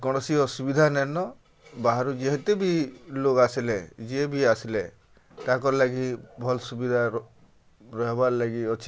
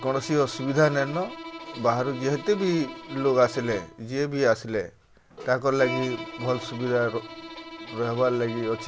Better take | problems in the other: first | background sound (Bowed string instrument); 13 dB below the speech

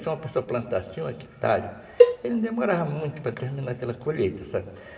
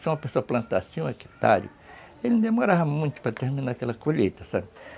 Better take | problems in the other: second | background sound (Cowbell); 5 dB above the speech // room echo; dies away in 2.7 s

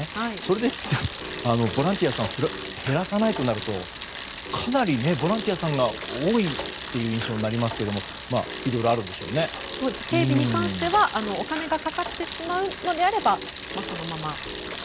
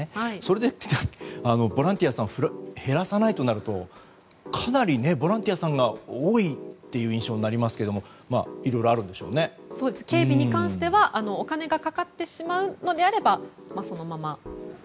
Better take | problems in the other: second | background sound (Bicycle); 10 dB below the speech

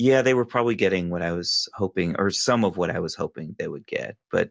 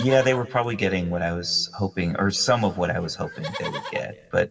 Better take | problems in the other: first | background sound (Livestock, farm animals, working animals); 16 dB below the speech // room echo; dies away in 1.5 s

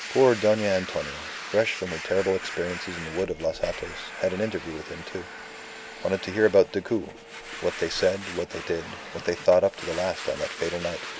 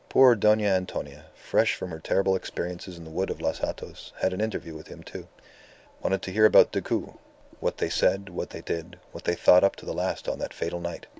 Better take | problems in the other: second | background sound (Domestic sounds, home sounds); 11 dB below the speech

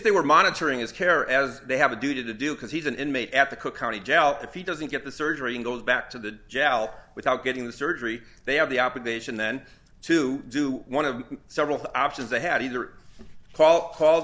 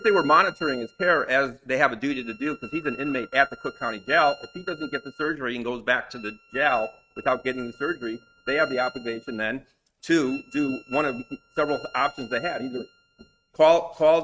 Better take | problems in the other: first | noise reduction (neural mask model RNNoise)

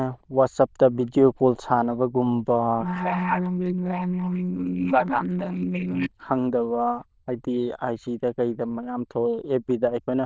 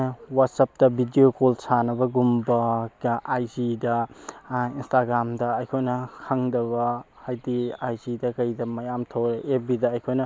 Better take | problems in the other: second | noise reduction (neural diffusion model UNIVERSE++)

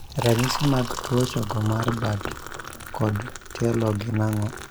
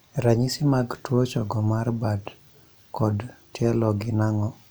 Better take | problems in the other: second | background sound (Liquid); 8 dB below the speech

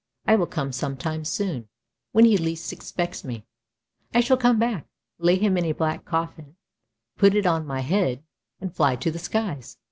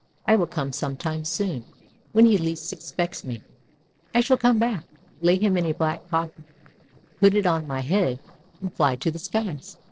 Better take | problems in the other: first | noise reduction (neural separator model SepFormer DNS4)

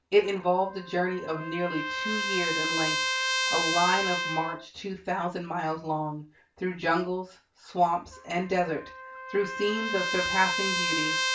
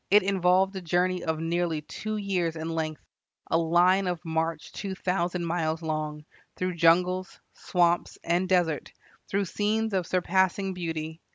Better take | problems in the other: second | background sound (Trumpet); 3 dB below the speech // room echo; dies away in 0.3 s

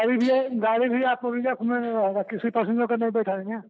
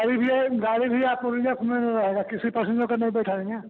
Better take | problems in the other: second | noise reduction (neural mask model DeepFilterNet 3)

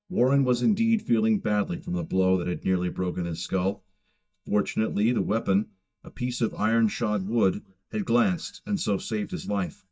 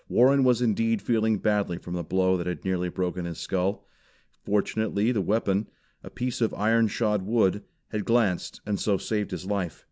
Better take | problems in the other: second | noise reduction (neural mask model DeepFilterNet 3)

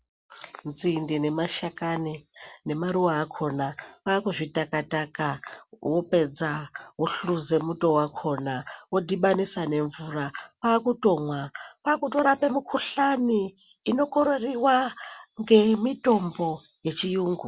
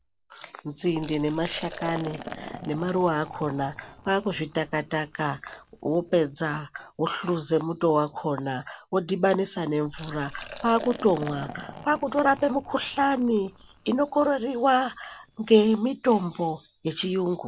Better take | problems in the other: first | background sound (Liquid); 18 dB below the speech

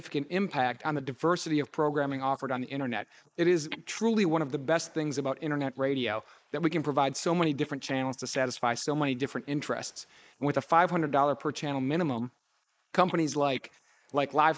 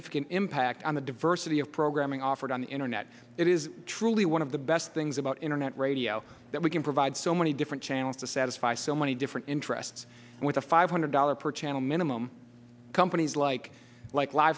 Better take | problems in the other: second | noise reduction (neural mask model Resemble Enhance denoiser)

